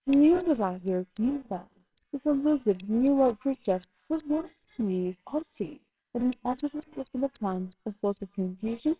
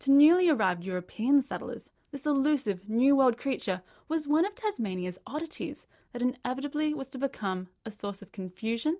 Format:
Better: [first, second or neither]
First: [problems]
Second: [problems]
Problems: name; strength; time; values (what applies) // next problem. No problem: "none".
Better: second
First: noise reduction (neural separator model SepFormer WHAMR!)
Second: none